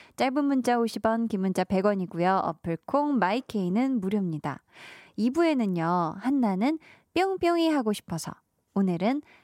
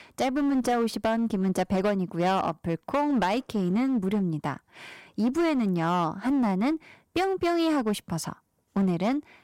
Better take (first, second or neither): first